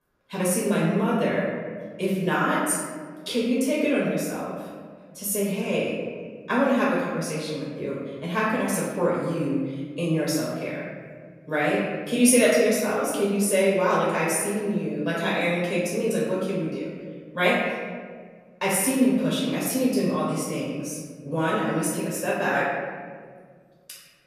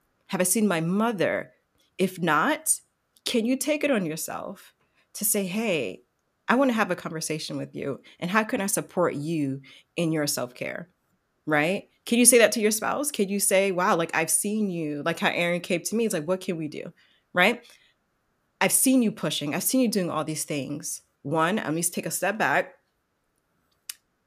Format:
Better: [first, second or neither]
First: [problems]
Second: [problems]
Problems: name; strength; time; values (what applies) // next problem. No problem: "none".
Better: second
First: off-mic speech; far // room echo; noticeable; dies away in 1.7 s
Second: none